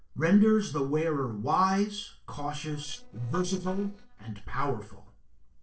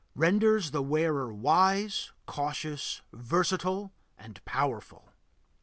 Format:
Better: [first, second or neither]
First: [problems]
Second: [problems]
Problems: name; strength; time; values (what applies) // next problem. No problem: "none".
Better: second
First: noise reduction (neural separator model SepFormer DNS4)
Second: none